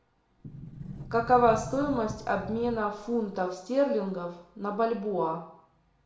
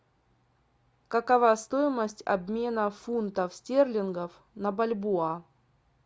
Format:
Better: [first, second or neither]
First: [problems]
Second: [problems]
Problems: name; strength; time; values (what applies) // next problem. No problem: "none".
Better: second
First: background sound (Sliding door); 12 dB below the speech // room echo; dies away in 0.6 s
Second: none